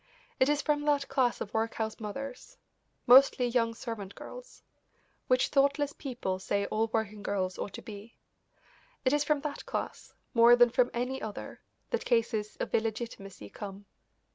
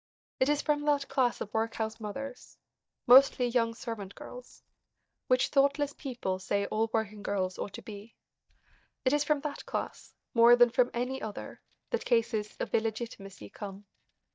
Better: first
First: none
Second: noise reduction (neural mask model DeepFilterNet 3)

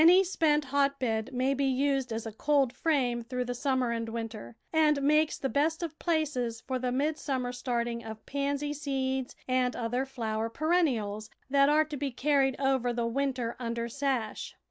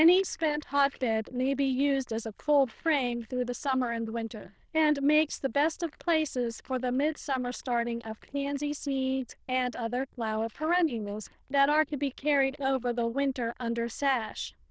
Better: first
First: none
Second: noise reduction (neural diffusion model UNIVERSE++)

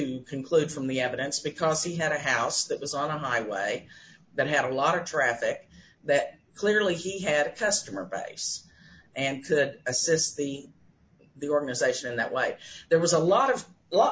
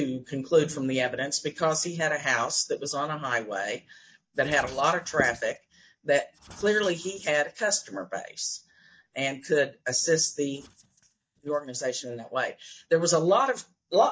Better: first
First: none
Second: noise reduction (neural mask model DeepFilterNet 3)

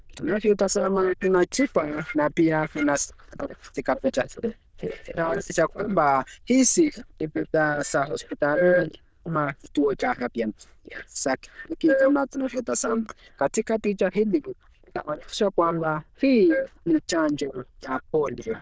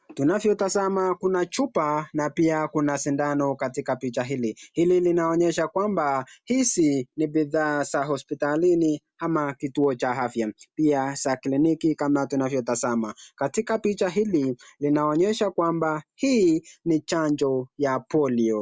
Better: second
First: noise reduction (neural diffusion model UNIVERSE++)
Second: none

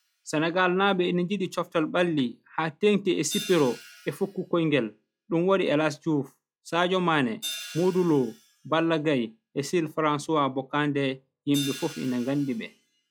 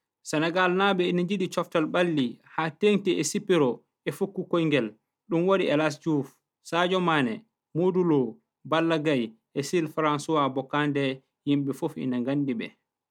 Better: second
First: noise reduction (classical method log-MMSE)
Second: none

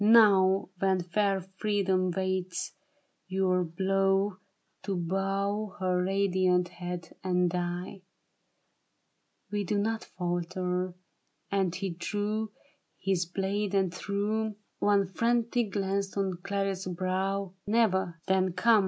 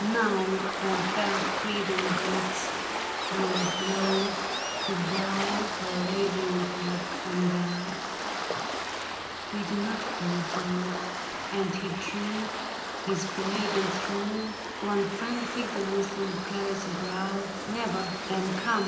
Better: first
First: none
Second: background sound (Waves, surf); 1 dB below the speech // room echo; dies away in 0.8 s

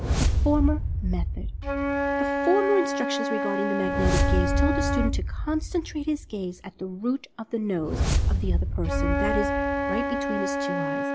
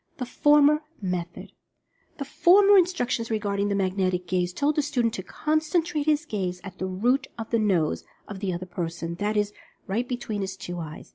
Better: second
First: background sound (Whoosh, swoosh, swish + Wind instrument, woodwind instrument); 4 dB above the speech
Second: none

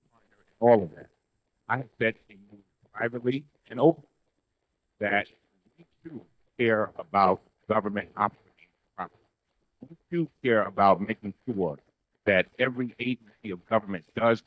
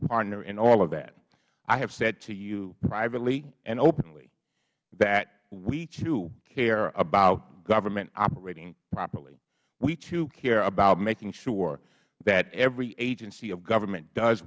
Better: second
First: noise reduction (neural mask model DeepFilterNet 3)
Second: none

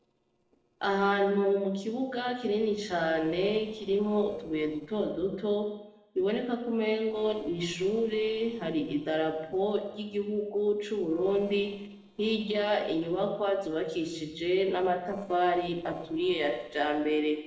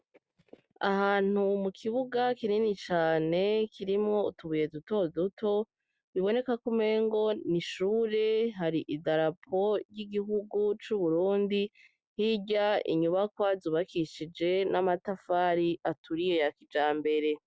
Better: second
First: noise reduction (neural separator model SepFormer DNS4)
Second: none

